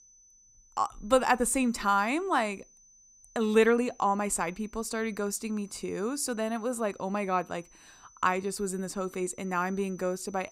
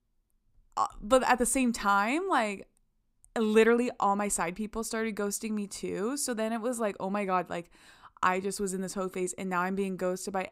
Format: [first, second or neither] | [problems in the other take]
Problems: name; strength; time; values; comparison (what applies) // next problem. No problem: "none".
second | high-pitched whine; faint; throughout; 6 kHz, 25 dB below the speech